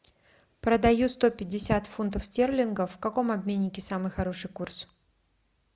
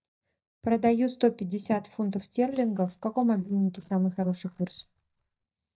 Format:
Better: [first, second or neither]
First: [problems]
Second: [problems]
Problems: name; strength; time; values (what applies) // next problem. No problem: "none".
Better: first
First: none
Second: noise reduction (neural mask model DeepFilterNet 3)